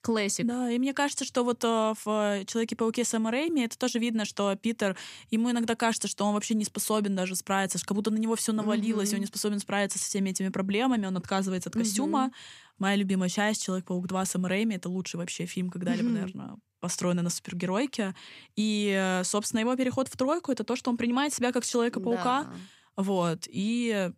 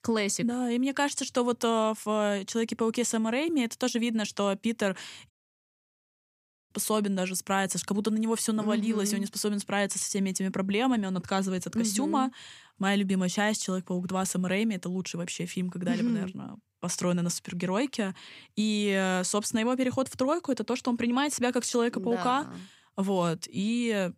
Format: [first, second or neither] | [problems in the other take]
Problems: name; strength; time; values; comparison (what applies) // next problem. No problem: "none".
first | audio cutting out; at 5.5 s for 1.5 s